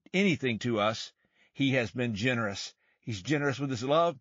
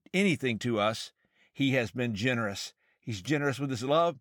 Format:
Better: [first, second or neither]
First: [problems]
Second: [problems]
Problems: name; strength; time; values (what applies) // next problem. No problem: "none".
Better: second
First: garbled, watery; slightly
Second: none